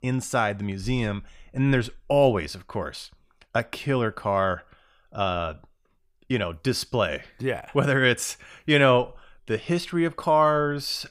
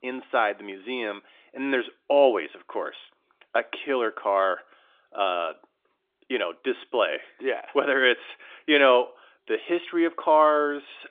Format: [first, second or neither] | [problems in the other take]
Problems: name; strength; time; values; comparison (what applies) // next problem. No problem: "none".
first | phone-call audio; nothing above 3.5 kHz